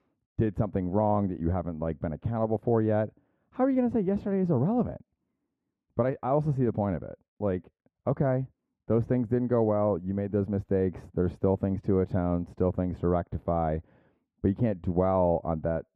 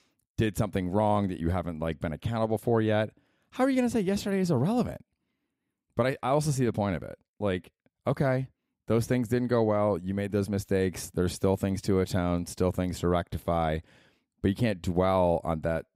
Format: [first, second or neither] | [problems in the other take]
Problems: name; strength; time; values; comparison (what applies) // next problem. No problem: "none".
second | muffled; very; fading above 2.5 kHz